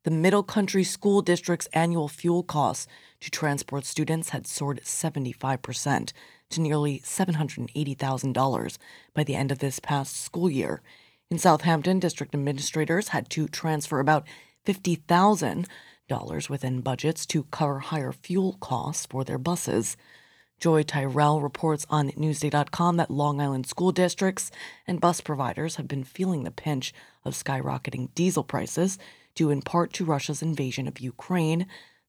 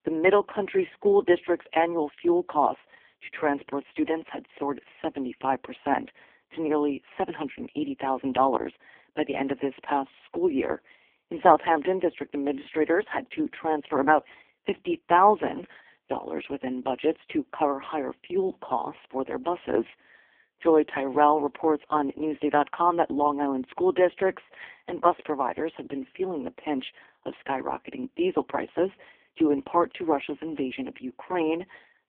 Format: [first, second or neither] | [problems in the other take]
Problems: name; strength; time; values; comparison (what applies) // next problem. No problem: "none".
first | phone-call audio; poor line